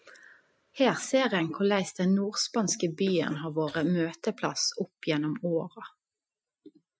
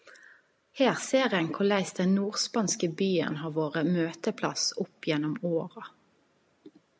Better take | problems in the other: second | noise reduction (classical method Wiener filter)

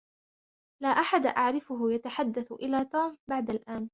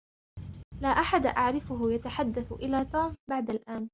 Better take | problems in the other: first | background sound (Boat, Water vehicle); 12 dB below the speech

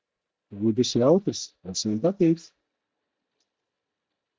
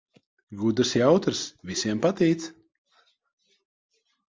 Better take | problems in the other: second | noise reduction (neural mask model DeepFilterNet 3)

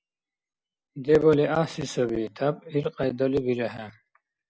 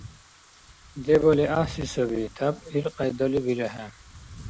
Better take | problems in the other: first | background sound (Wind / Rain); 18 dB below the speech

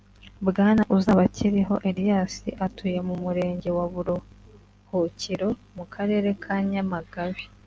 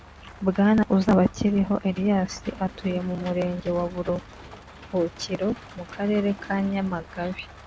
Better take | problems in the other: first | background sound (Engine / Mechanisms + Rain); 20 dB below the speech

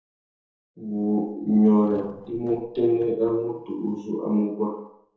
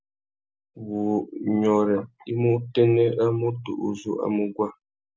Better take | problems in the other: second | noise reduction (neural separator model SepFormer DNS4)

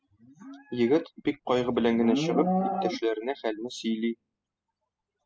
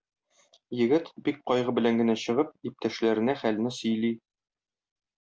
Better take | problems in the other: second | noise reduction (classical method spectral subtraction)

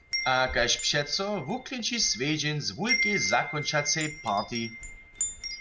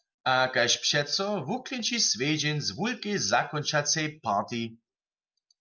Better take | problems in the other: second | background sound (Wind chime); 5 dB below the speech

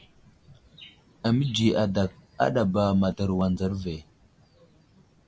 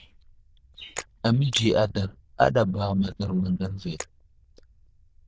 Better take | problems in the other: first | noise reduction (neural diffusion model UNIVERSE++)

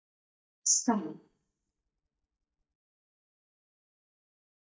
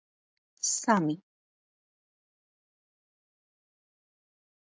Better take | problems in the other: second | noise reduction (neural mask model DeepFilterNet 3)

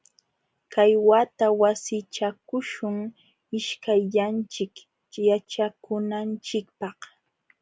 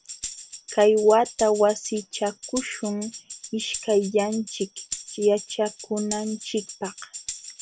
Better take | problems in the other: first | background sound (Tambourine); 12 dB below the speech

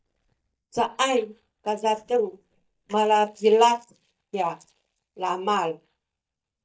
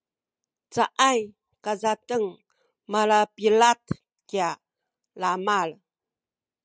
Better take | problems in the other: second | noise reduction (neural mask model DeepFilterNet 3)

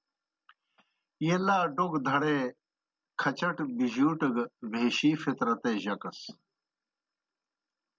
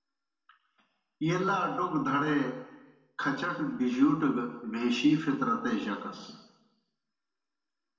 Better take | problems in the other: first | room echo; dies away in 0.9 s

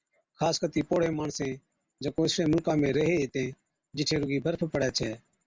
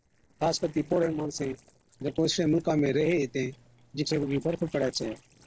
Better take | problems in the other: first | noise reduction (neural separator model SepFormer DNS4)

